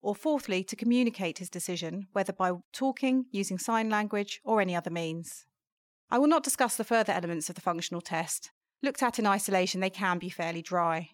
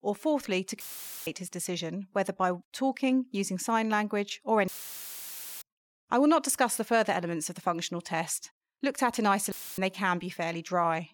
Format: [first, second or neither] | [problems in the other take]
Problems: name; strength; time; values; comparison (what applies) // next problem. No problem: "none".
first | audio cutting out; filled with static; at 1 s, at 4.5 s for 1 s and at 9.5 s